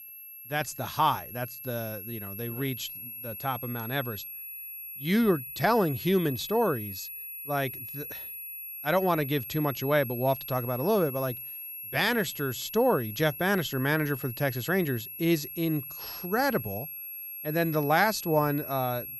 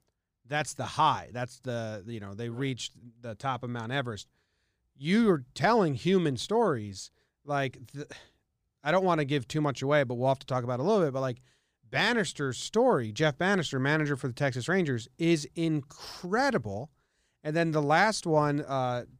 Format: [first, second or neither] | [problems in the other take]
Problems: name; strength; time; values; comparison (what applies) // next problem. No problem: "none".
second | high-pitched whine; loud; throughout; 11.5 kHz, 9 dB below the speech